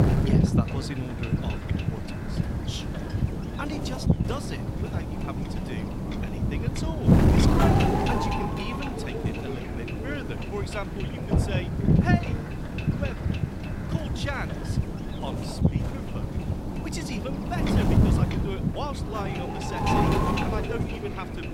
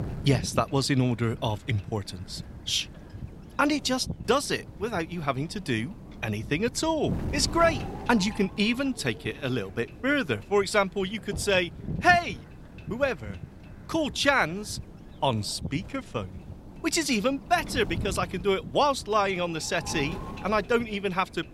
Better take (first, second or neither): second